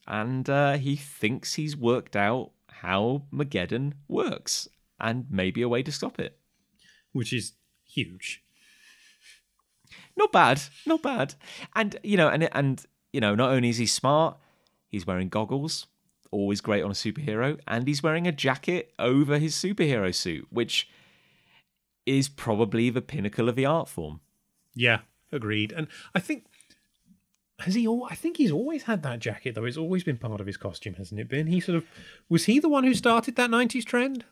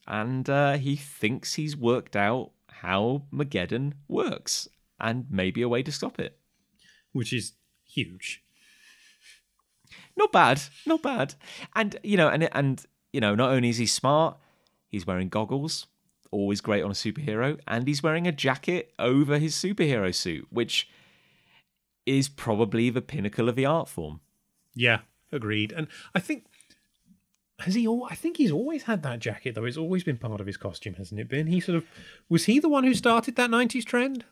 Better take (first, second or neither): neither